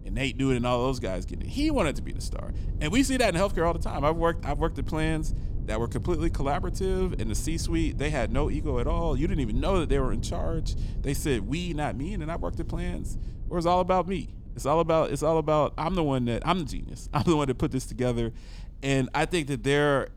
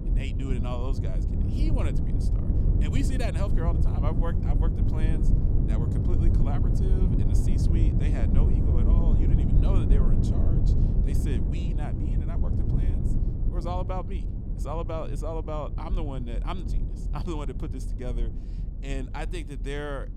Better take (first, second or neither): first